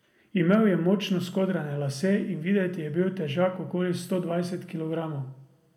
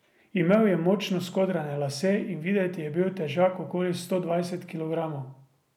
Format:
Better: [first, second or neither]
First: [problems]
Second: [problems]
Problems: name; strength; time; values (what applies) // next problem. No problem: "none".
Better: second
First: room echo; dies away in 1 s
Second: none